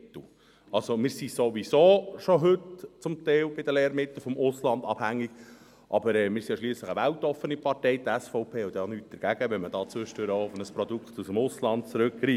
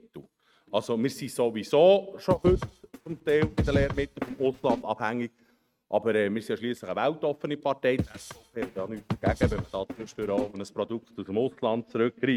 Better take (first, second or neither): first